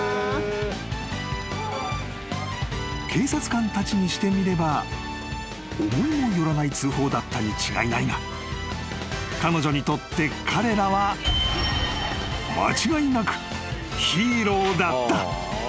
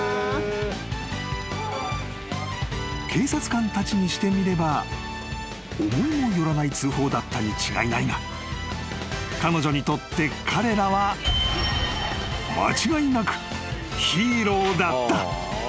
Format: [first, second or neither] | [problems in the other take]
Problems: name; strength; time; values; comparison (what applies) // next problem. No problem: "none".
second | background sound (Wind instrument, woodwind instrument); 20 dB below the speech